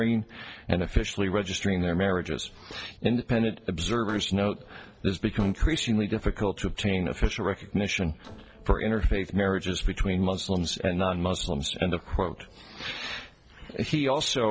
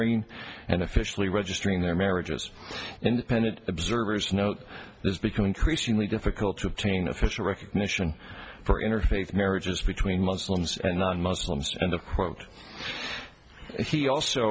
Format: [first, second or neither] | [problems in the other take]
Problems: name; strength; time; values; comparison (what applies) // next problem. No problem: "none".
second | noise reduction (neural separator model SepFormer DNS4)